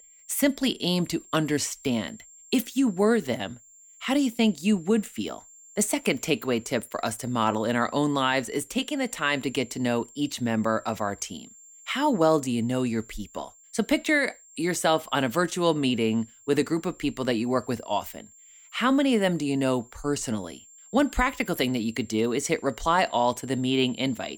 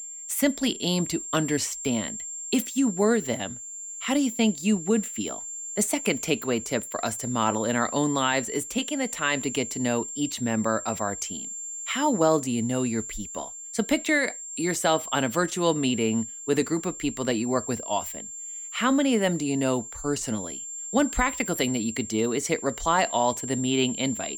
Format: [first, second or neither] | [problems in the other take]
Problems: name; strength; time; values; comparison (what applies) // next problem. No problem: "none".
first | high-pitched whine; loud; throughout; 7.5 kHz, 8 dB below the speech; faint in the first